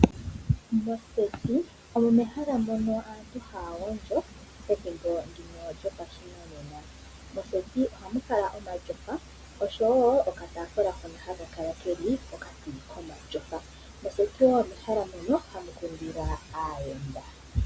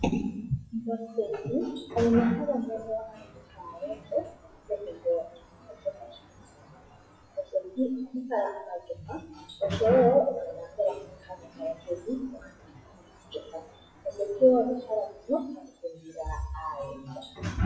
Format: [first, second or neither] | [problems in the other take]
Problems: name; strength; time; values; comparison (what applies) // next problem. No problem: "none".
first | noise reduction (classical method WPE with log-MMSE)